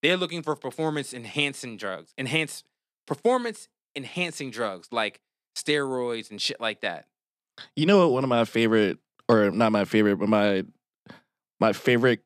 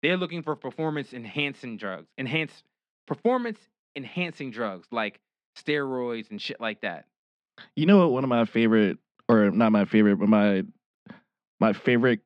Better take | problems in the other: first | muffled; slightly; fading above 2.5 kHz

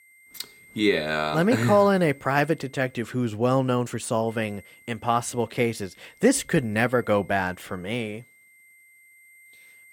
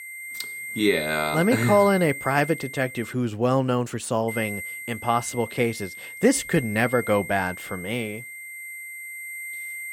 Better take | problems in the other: first | high-pitched whine; loud; until 3 s and from 4.5 s on; 2 kHz, 10 dB below the speech; faint in the first

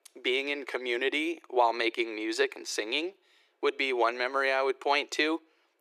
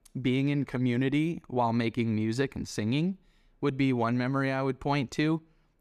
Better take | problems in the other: second | thin; very; fading below 350 Hz

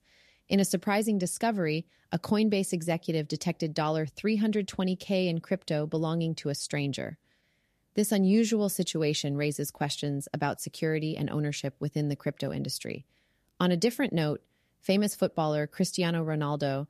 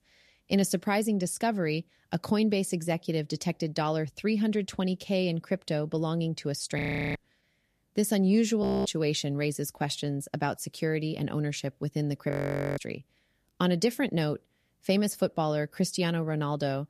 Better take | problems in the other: first | audio freezing; at 7 s, at 8.5 s and at 12 s

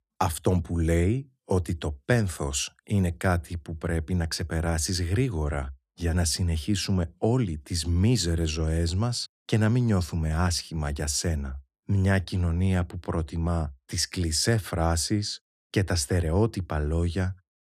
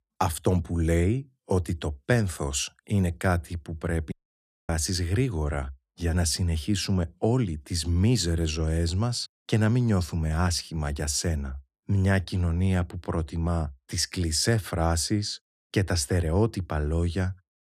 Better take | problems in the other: first | audio cutting out; at 4 s for 0.5 s

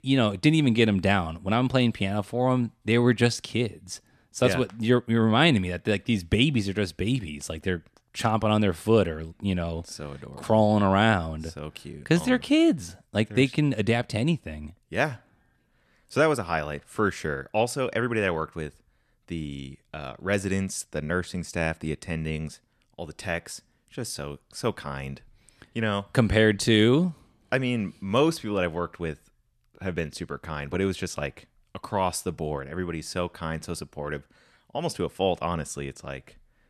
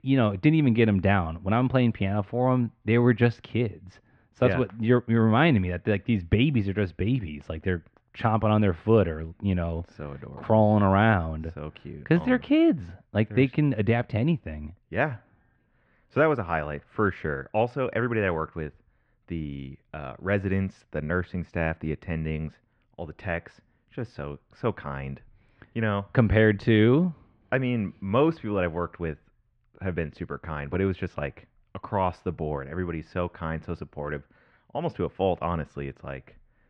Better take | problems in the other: first | muffled; very; fading above 2.5 kHz

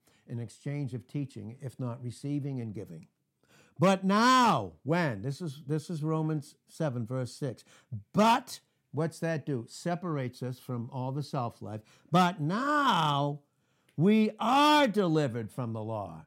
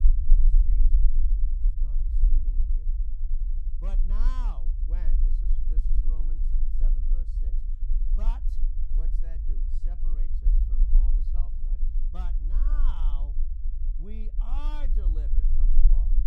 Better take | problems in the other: first | low rumble; loud; throughout; 5 dB below the speech

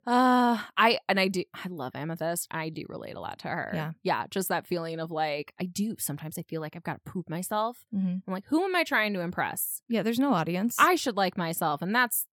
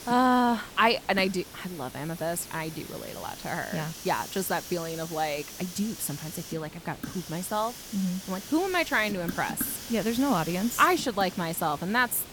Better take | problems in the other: first | hiss; noticeable; throughout; 10 dB below the speech

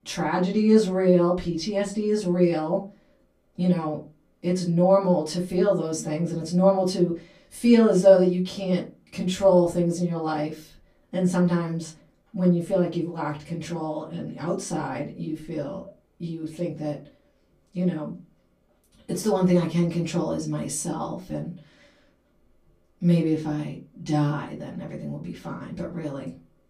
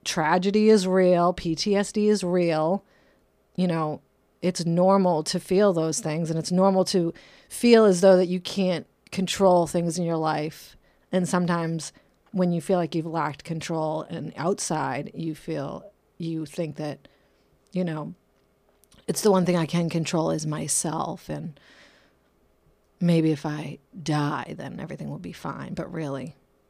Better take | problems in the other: second | off-mic speech; far // room echo; very slight; dies away in 0.2 s

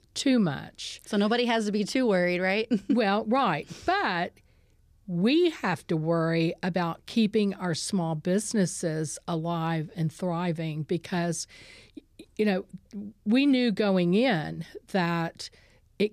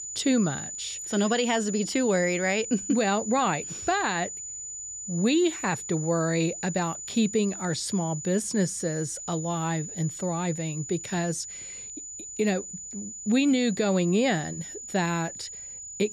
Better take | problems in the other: first | high-pitched whine; loud; throughout; 7 kHz, 8 dB below the speech

